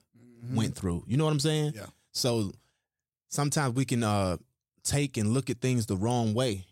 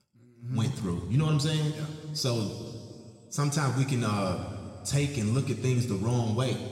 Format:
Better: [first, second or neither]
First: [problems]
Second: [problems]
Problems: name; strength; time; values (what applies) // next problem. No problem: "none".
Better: first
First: none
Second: room echo; noticeable; dies away in 2.2 s // off-mic speech; somewhat distant